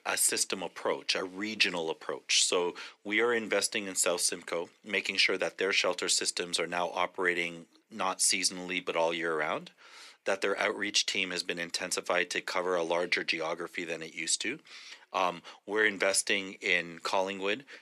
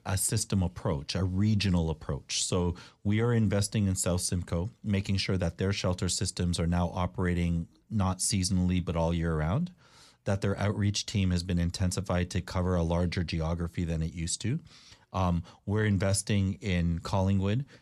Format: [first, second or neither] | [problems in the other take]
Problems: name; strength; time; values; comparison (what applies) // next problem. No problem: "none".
second | thin; very; fading below 350 Hz